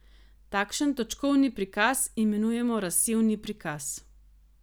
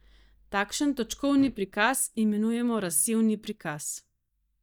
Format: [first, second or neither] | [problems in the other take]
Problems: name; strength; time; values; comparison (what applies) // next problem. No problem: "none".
first | noise reduction (neural mask model DeepFilterNet 3)